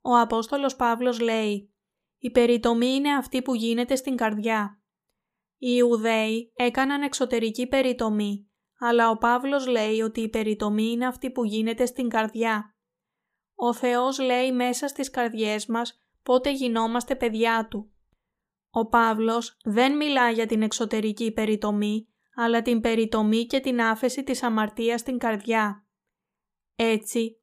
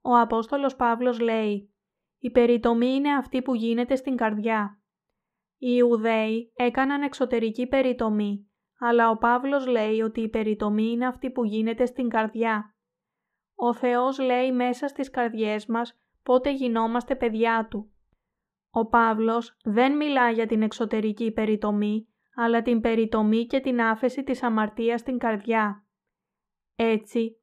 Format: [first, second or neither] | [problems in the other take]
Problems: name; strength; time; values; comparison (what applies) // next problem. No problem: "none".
first | muffled; slightly; fading above 4 kHz